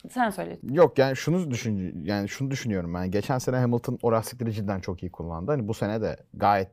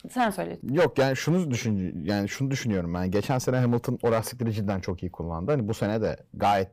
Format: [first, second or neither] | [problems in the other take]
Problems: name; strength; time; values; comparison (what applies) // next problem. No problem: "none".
first | distortion; slight; 4% of the sound clipped